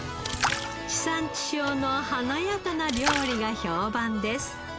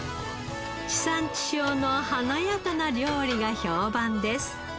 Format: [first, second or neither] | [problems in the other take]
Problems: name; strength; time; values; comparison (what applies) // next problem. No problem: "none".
second | background sound (Splash, splatter); 6 dB below the speech